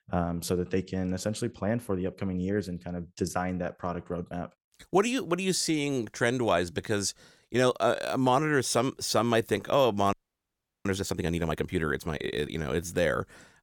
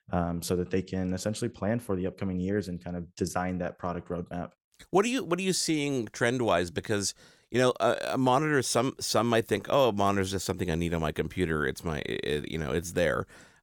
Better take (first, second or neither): second